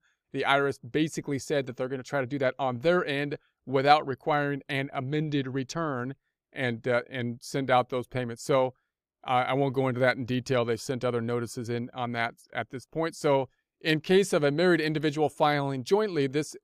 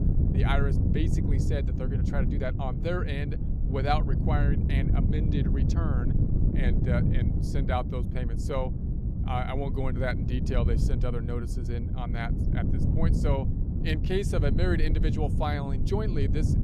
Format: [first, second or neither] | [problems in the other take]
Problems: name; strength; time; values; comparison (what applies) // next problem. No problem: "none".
first | wind noise on the microphone; heavy; 5 dB below the speech